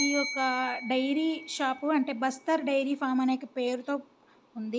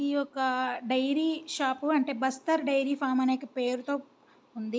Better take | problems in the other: second | background sound (Bell); 11 dB below the speech

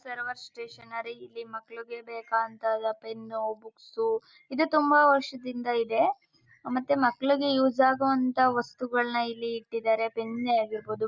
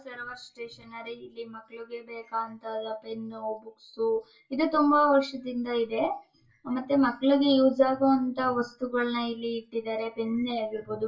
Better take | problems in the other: first | room echo; dies away in 0.2 s

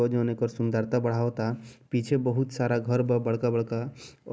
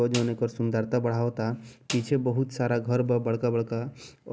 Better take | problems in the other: first | background sound (Snare drum); 17 dB below the speech

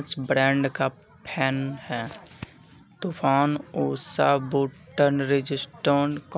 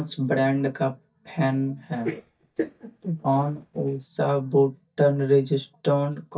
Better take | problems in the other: first | noise reduction (neural mask model DeepFilterNet 3)

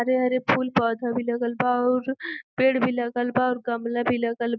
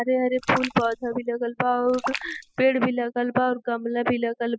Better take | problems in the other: first | noise reduction (classical method spectral subtraction)

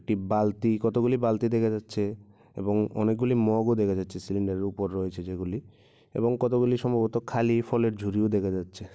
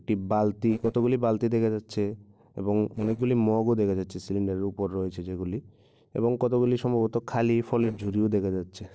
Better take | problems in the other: first | noise reduction (neural separator model SepFormer DNS4)

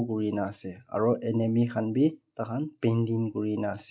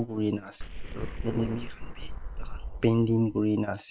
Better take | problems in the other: first | noise reduction (neural separator model SepFormer WHAM!)

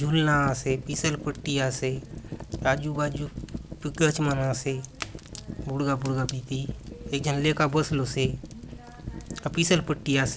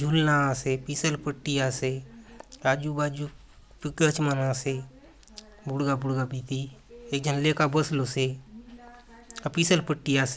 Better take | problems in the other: second | background sound (Fire); 11 dB below the speech

